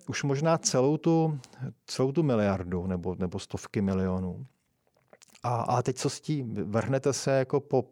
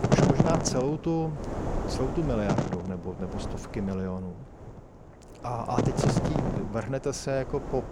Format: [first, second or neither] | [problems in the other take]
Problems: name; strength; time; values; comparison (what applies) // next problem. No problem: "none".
first | wind noise on the microphone; heavy; as loud as the speech